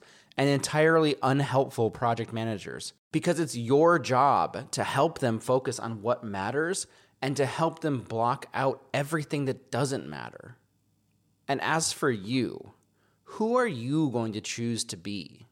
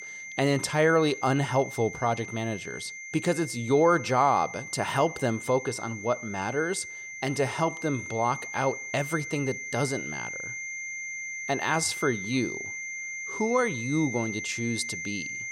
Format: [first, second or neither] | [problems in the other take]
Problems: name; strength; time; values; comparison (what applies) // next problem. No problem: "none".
first | high-pitched whine; loud; throughout; 2 kHz, 8 dB below the speech